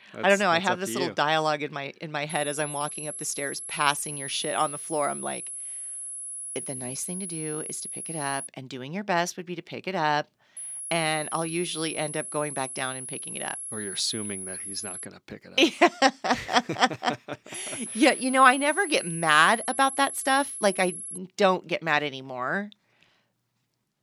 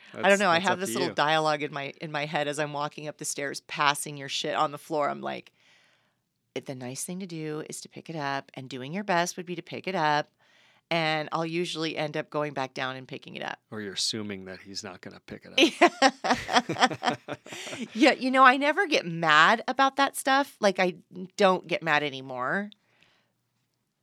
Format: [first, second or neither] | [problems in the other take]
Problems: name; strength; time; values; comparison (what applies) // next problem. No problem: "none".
second | high-pitched whine; loud; from 2.5 to 8.5 s, from 11 to 15 s and from 18 to 21 s; 11 kHz, 8 dB below the speech